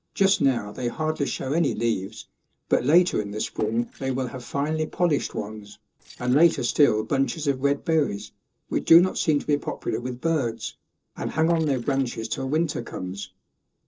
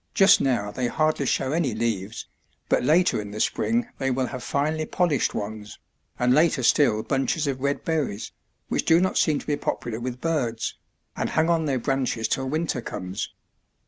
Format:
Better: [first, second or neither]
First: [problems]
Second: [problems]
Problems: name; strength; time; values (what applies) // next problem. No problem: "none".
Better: second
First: noise reduction (neural separator model SepFormer DNS4)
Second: none